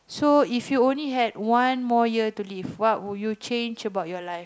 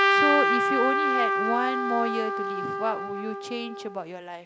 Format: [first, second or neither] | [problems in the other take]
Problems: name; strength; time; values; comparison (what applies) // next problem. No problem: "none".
first | background sound (Trumpet); 4 dB above the speech